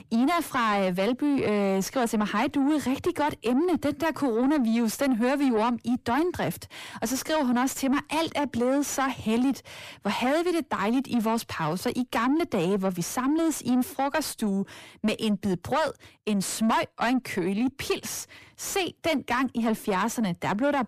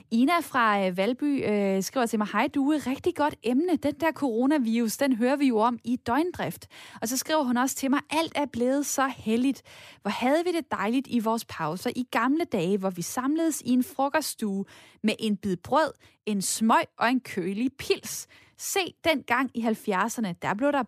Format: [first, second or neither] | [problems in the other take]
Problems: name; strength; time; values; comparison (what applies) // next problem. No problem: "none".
second | distortion; slight; 10 dB below the speech